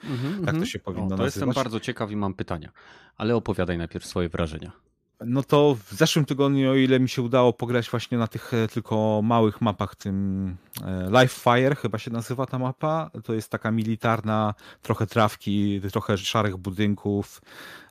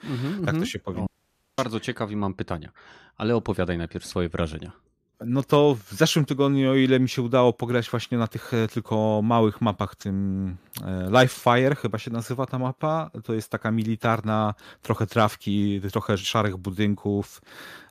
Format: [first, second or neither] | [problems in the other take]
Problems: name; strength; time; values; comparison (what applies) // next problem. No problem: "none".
first | audio cutting out; at 1 s for 0.5 s